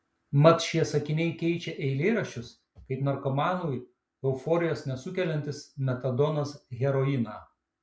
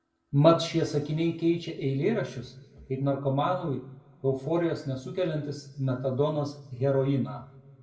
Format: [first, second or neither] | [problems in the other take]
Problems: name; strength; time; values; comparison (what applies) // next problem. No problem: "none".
first | room echo; dies away in 1.2 s